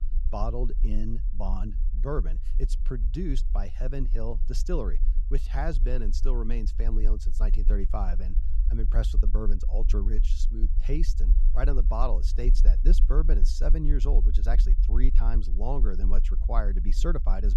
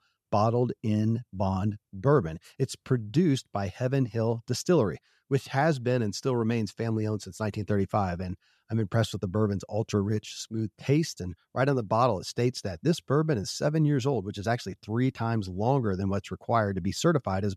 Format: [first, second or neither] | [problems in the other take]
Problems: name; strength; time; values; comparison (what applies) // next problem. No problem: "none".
second | low rumble; noticeable; throughout; 15 dB below the speech